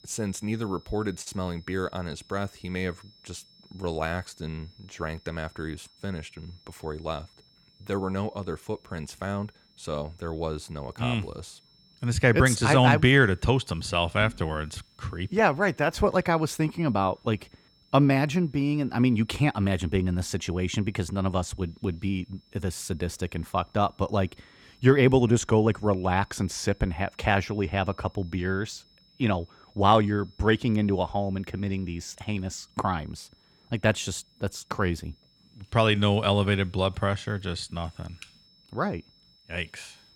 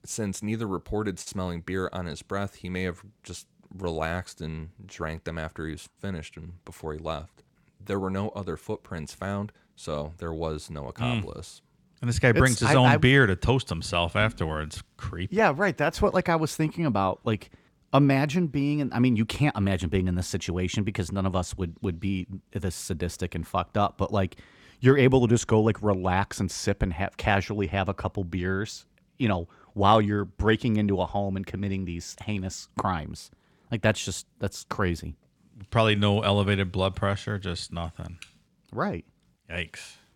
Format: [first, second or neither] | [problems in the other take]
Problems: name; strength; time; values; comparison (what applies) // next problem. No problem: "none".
second | high-pitched whine; faint; throughout; 5 kHz, 30 dB below the speech